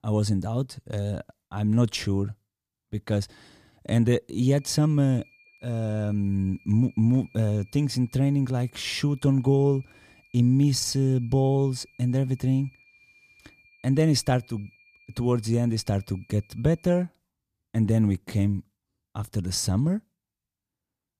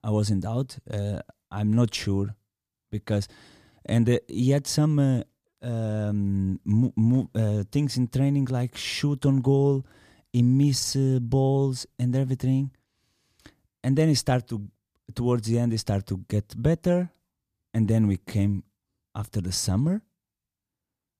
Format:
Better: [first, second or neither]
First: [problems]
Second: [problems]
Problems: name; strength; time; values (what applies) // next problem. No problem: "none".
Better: second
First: high-pitched whine; faint; from 4.5 to 17 s; 2.5 kHz, 30 dB below the speech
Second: none